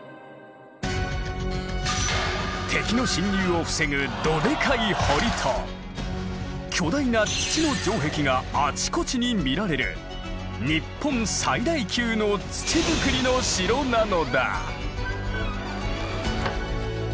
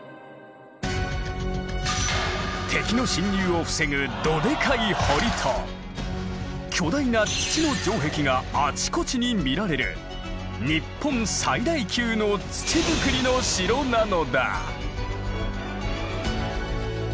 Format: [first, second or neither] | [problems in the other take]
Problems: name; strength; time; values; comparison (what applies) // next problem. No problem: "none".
second | background sound (Squeak); 14 dB below the speech